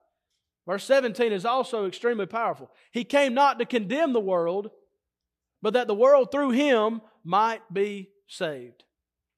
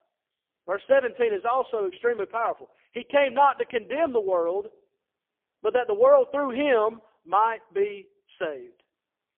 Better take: first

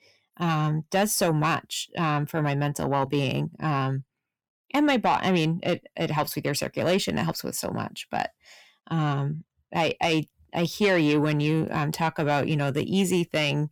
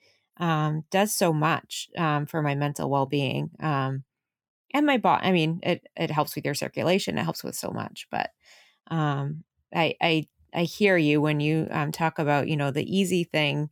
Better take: second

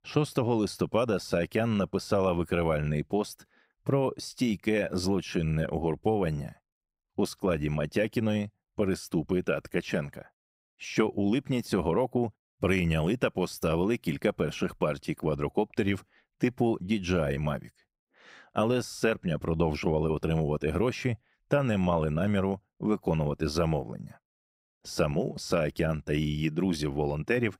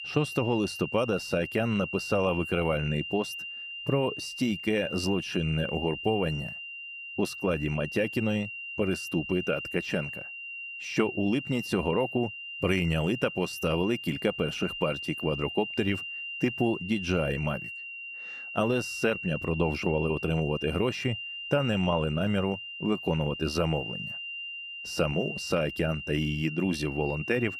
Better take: first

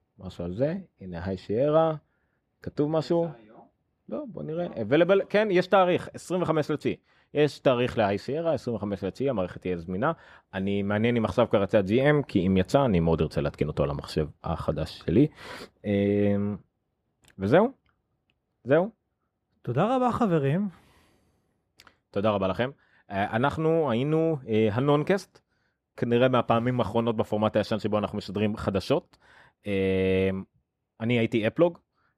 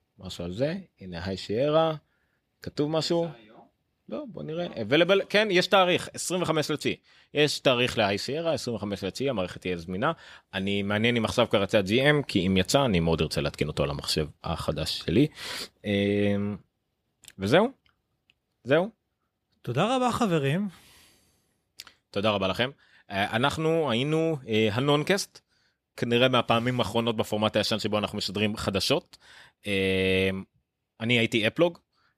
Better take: second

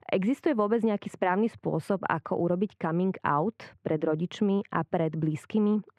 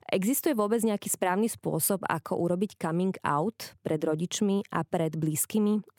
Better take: second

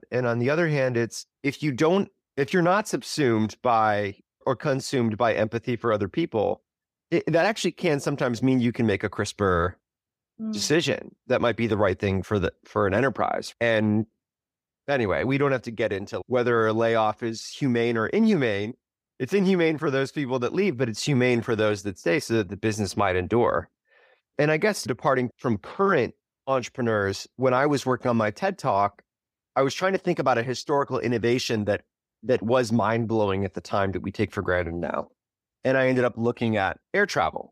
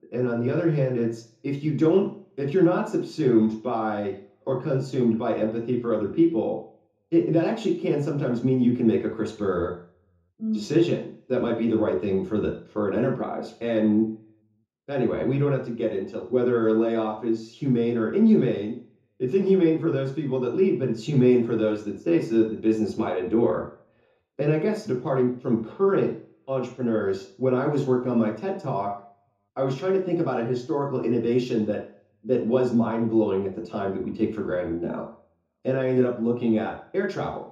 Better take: first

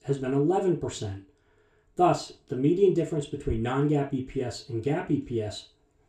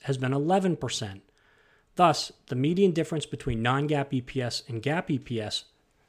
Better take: second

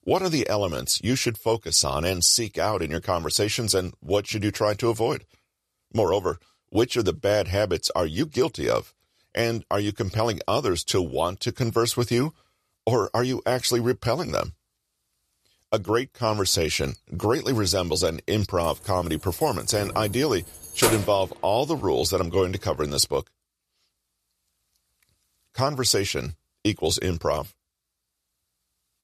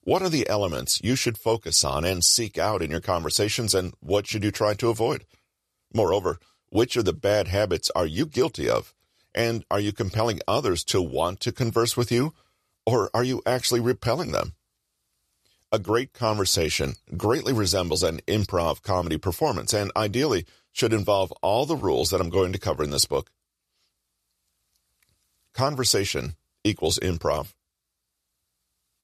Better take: second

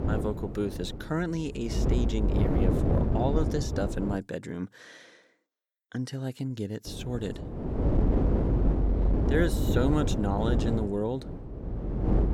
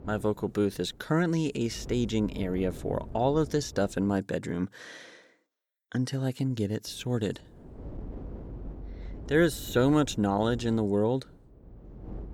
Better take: second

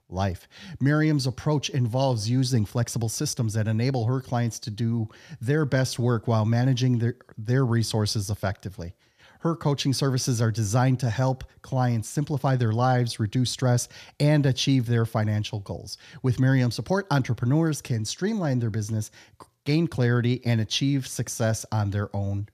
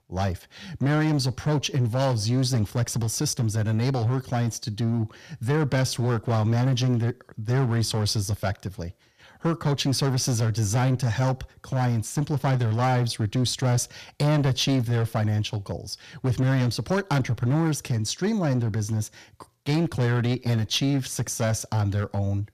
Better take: first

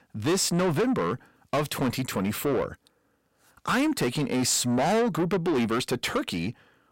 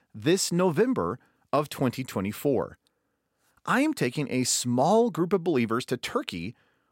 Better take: second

